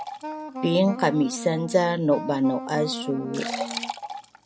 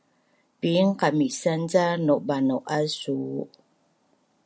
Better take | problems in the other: second | background sound (Wind instrument, woodwind instrument + Liquid); 8 dB below the speech

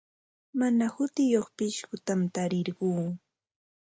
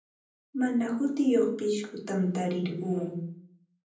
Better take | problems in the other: first | room echo; dies away in 0.6 s

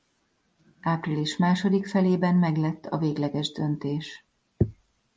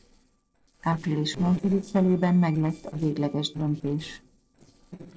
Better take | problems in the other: first | noise reduction (neural separator model SepFormer DNS4)

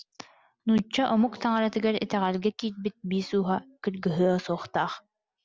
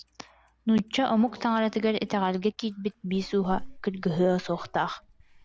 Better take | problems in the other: first | background sound (Clock); 17 dB below the speech

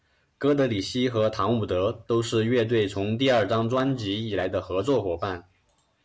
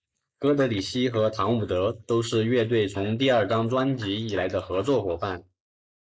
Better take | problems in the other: first | noise reduction (neural mask model Resemble Enhance denoiser)

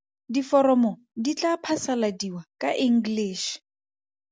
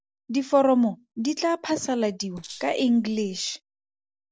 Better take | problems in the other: first | noise reduction (neural separator model SepFormer DNS4)

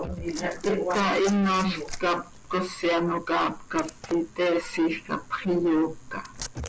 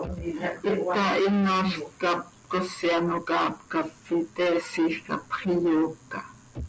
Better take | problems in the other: second | background sound (Liquid); 16 dB below the speech

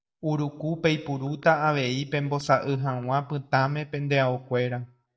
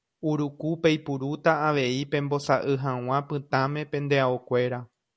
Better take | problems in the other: second | noise reduction (neural mask model DeepFilterNet 3)

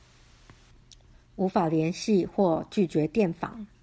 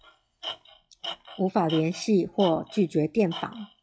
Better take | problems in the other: first | noise reduction (classical method log-MMSE)

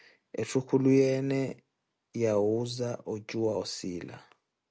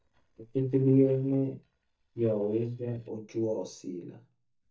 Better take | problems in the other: first | noise reduction (neural mask model DeepFilterNet 3)

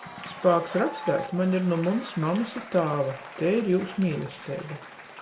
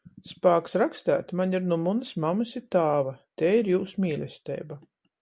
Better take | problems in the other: second | background sound (Applause / Crowd / Cheering); 14 dB below the speech // room echo; dies away in 0.5 s

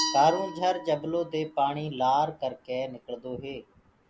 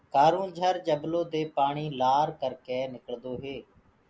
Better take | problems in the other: second | background sound (Glass); 12 dB below the speech

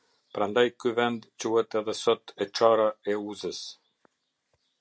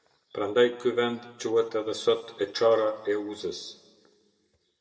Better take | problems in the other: first | room echo; dies away in 1.4 s

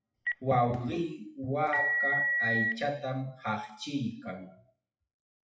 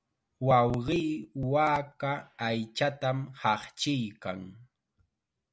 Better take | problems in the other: second | noise reduction (classical method WPE with log-MMSE)

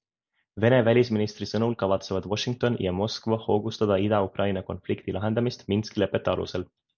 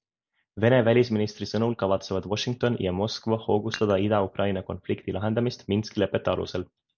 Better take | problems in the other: first | background sound (Dishes, pots, and pans); 18 dB below the speech

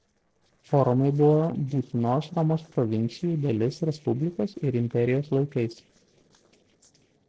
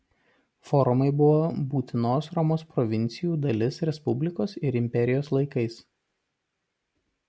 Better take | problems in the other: second | noise reduction (neural separator model SepFormer DNS4)

